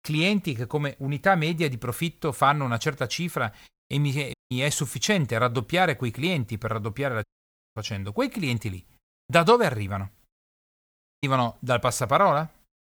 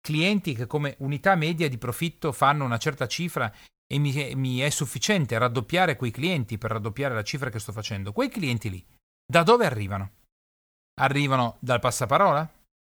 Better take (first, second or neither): second